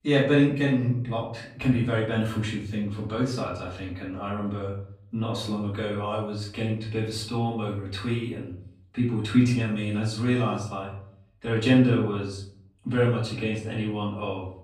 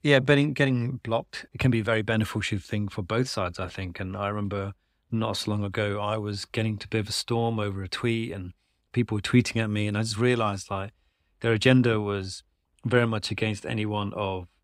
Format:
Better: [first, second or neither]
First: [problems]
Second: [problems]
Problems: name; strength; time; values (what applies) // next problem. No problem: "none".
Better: second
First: off-mic speech; far // room echo; noticeable; dies away in 0.6 s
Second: none